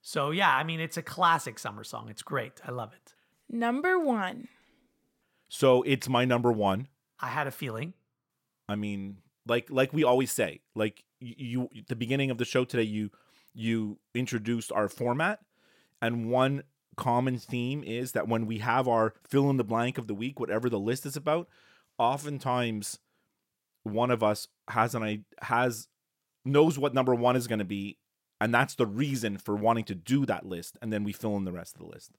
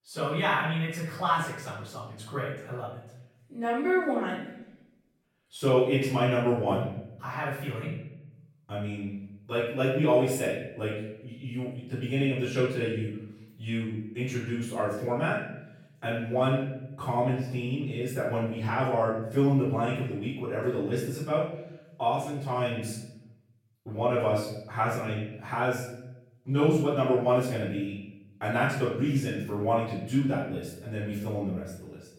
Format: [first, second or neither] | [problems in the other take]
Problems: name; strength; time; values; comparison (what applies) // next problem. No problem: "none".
first | off-mic speech; far // room echo; noticeable; dies away in 0.8 s